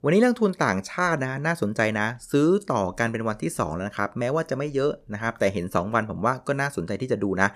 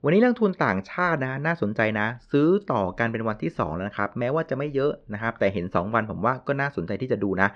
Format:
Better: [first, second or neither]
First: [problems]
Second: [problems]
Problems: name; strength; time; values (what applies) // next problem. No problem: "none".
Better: first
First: none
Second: muffled; slightly; fading above 4 kHz